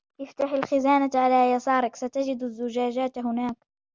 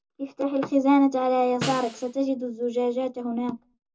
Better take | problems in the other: first | background sound (Snare drum); 13 dB below the speech // room echo; dies away in 0.2 s

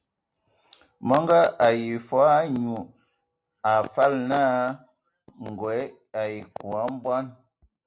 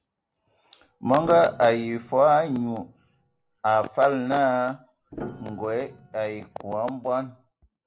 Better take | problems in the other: first | background sound (Piano); 18 dB below the speech

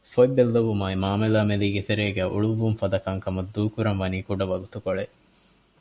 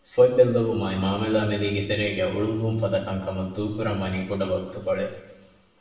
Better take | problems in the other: first | room echo; dies away in 0.9 s

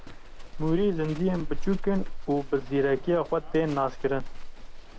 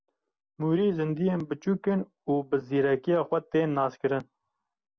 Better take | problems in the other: second | background sound (Livestock, farm animals, working animals); 5 dB below the speech

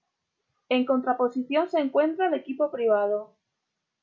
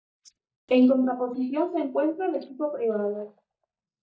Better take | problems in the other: first | noise reduction (neural mask model DeepFilterNet 3)

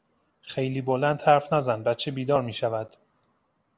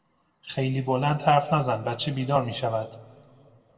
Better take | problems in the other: first | room echo; dies away in 1.3 s

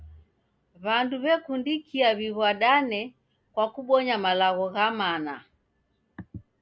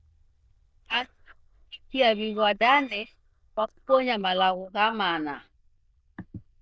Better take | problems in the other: first | noise reduction (neural diffusion model UNIVERSE++)

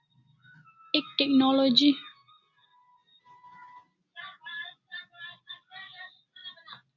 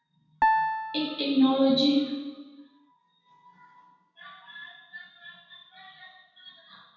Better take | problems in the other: first | background sound (Piano); 2 dB above the speech // room echo; dies away in 1.1 s

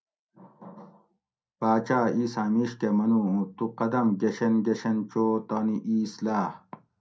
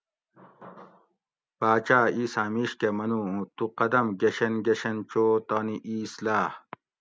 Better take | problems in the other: second | room echo; dies away in 0.3 s

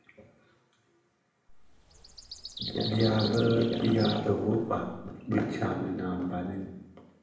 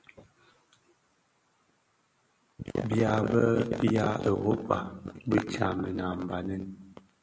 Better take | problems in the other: second | background sound (Bird vocalization, bird call, bird song); 11 dB below the speech // room echo; dies away in 0.8 s

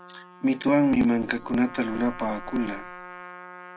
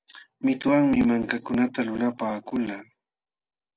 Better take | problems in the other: second | background sound (Bell + Trumpet); 16 dB below the speech

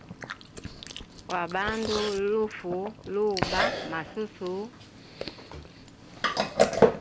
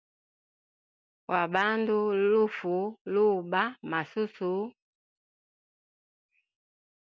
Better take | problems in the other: second | background sound (Chewing, mastication); 2 dB above the speech

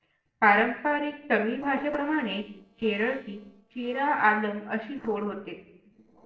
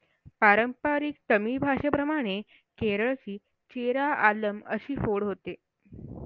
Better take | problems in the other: second | noise reduction (neural separator model SepFormer DNS4)

